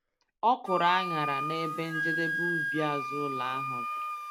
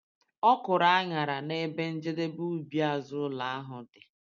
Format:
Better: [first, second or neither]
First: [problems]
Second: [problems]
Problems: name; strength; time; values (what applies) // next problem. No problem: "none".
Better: second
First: background sound (Wind instrument, woodwind instrument); 1 dB below the speech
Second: none